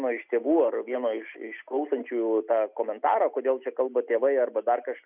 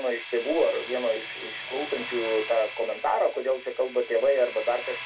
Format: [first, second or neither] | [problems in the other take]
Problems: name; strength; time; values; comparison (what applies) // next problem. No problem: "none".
first | background sound (Domestic sounds, home sounds); 11 dB below the speech // room echo; dies away in 0.1 s